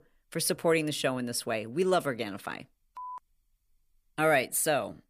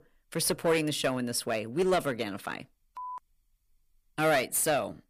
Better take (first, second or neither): first